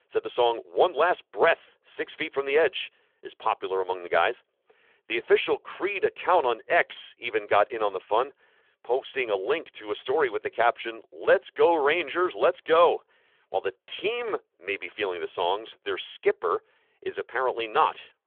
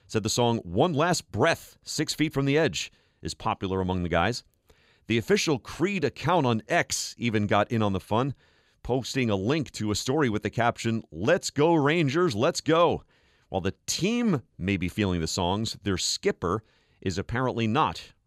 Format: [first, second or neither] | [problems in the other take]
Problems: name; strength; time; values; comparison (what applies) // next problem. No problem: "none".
second | phone-call audio; nothing above 3.5 kHz